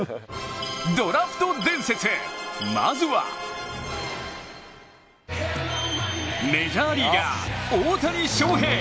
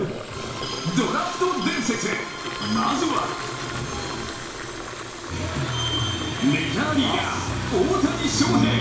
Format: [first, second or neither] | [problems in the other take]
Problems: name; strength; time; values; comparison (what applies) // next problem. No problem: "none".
first | background sound (Fill (with liquid) / Water tap, faucet); 9 dB below the speech // room echo; dies away in 0.7 s